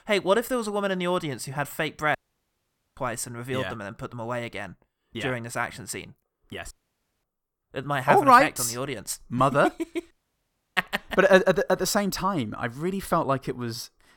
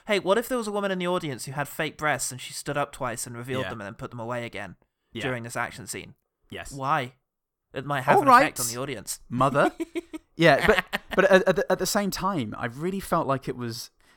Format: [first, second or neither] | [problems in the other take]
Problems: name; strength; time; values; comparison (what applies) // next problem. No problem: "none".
second | audio cutting out; at 2 s for 1 s, at 6.5 s for 0.5 s and at 10 s for 0.5 s